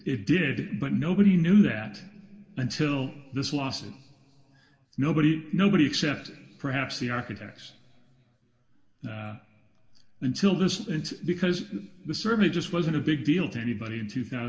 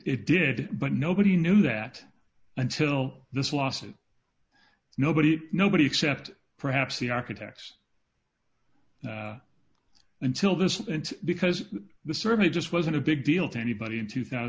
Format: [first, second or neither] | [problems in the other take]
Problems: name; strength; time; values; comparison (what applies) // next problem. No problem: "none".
second | room echo; dies away in 2.1 s